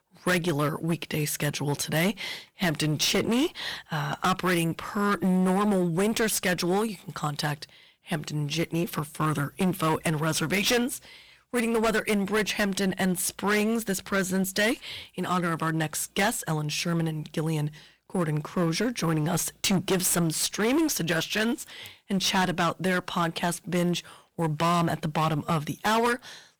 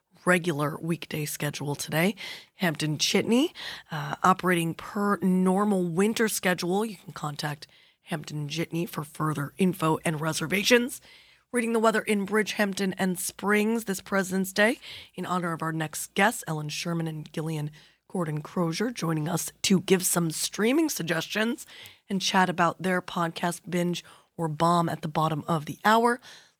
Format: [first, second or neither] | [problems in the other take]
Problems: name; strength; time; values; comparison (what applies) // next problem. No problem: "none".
second | distortion; heavy; 13% of the sound clipped